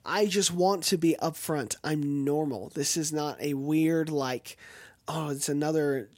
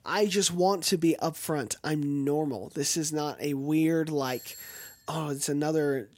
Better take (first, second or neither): first